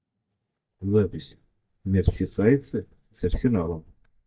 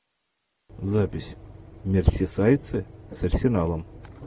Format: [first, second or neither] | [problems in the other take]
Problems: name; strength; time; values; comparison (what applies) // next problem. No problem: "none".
second | noise reduction (neural mask model DeepFilterNet 3)